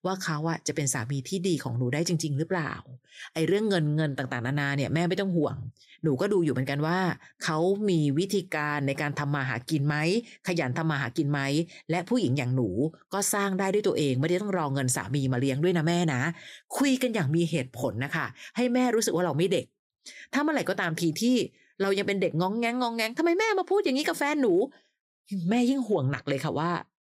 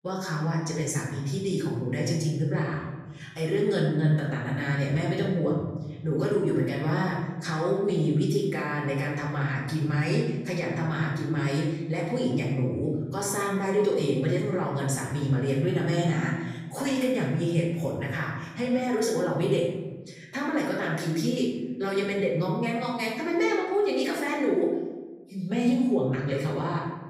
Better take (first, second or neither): first